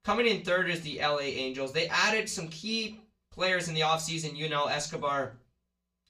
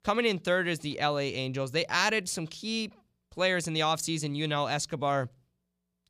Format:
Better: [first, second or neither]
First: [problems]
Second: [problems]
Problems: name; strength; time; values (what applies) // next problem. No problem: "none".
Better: second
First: room echo; very slight; dies away in 0.3 s // off-mic speech; far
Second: none